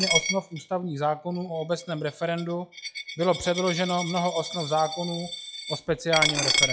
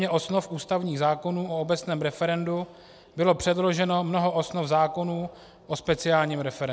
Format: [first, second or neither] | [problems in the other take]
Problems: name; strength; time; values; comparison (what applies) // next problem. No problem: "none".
second | noise reduction (classical method log-MMSE)